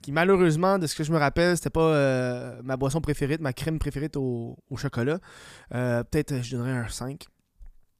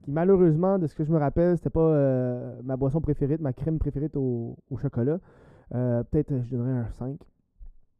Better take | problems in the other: first | muffled; very; fading above 1.5 kHz

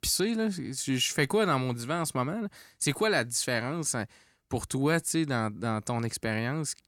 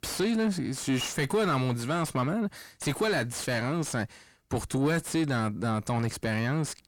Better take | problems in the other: first | distortion; heavy; 8 dB below the speech

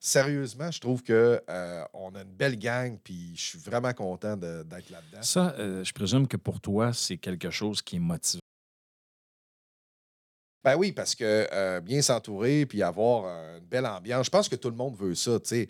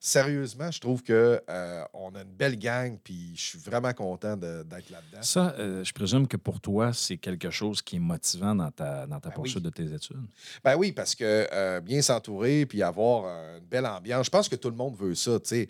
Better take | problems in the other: second | audio cutting out; at 8.5 s for 2 s

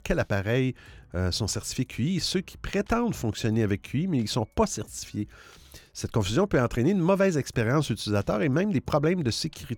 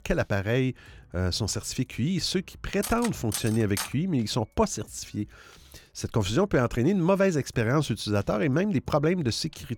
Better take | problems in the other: first | clattering dishes; noticeable; from 3 to 4 s; peak 6 dB below the speech

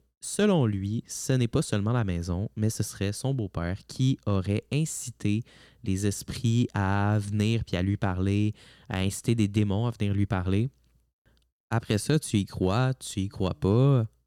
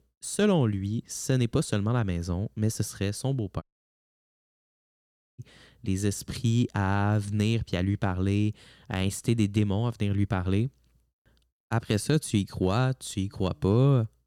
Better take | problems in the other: first | audio cutting out; at 3.5 s for 2 s

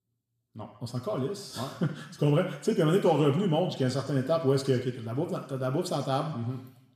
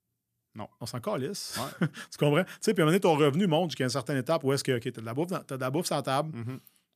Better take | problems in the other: second | room echo; slight; dies away in 0.9 s // off-mic speech; somewhat distant

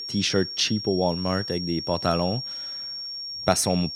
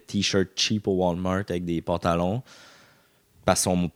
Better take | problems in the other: second | high-pitched whine; loud; throughout; 5.5 kHz, 6 dB below the speech

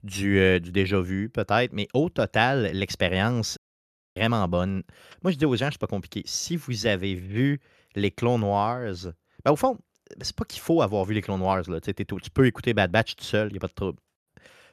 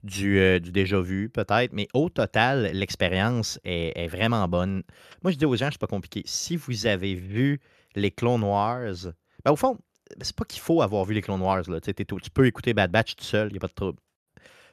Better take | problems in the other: second | audio cutting out; at 3.5 s for 0.5 s

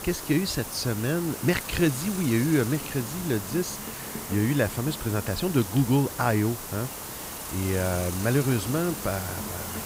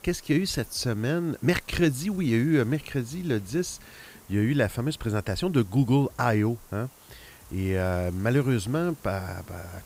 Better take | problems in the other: second | hiss; loud; throughout; 8 dB below the speech; faint in the second

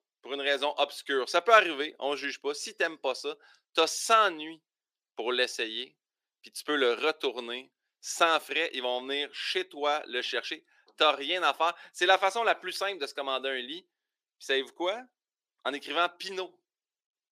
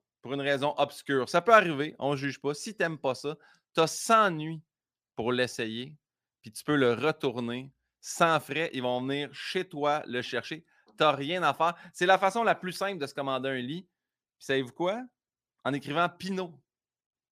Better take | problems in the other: second | thin; somewhat; fading below 350 Hz

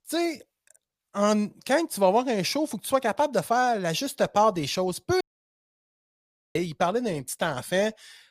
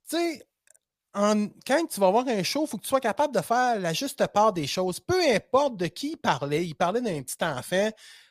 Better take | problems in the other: second | audio cutting out; at 5 s for 1.5 s

